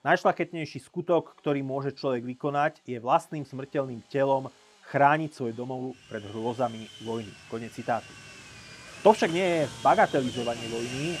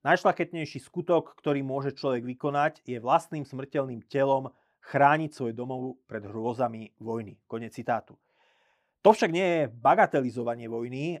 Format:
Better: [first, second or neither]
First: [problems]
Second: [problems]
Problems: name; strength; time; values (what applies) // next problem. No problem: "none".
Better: second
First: machinery noise; noticeable; throughout; 15 dB below the speech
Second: none